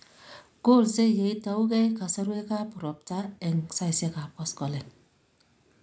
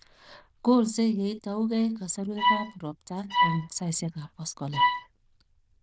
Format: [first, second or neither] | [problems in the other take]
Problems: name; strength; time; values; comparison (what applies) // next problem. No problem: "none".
first | noise reduction (neural diffusion model UNIVERSE++)